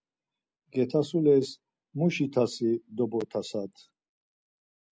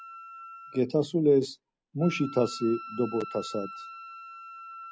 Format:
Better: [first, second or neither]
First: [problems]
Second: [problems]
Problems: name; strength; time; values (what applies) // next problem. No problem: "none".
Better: first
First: none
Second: background sound (Wind instrument, woodwind instrument); 14 dB below the speech